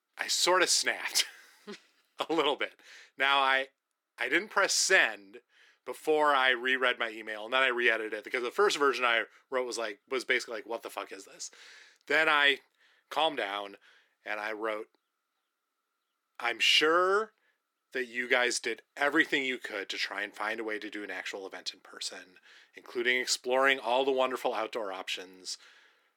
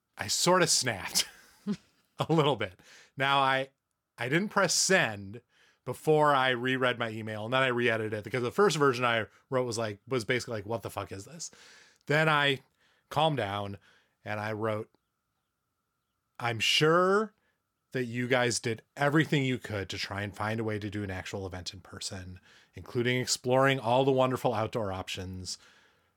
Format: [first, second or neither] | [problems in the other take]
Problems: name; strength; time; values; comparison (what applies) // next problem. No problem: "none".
second | thin; somewhat; fading below 300 Hz